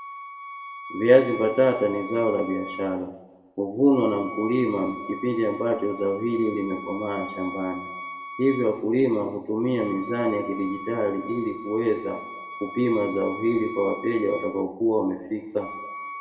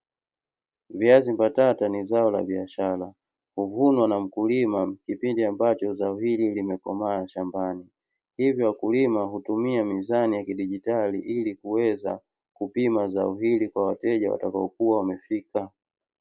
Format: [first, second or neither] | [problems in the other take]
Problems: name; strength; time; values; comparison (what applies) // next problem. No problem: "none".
second | background sound (Wind instrument, woodwind instrument); 13 dB below the speech // room echo; dies away in 0.8 s